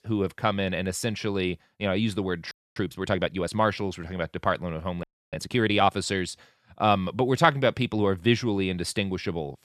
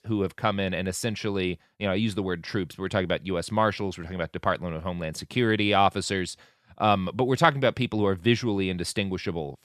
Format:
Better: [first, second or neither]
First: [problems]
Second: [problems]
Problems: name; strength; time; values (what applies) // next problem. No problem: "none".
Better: second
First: audio freezing; at 2.5 s and at 5 s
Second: none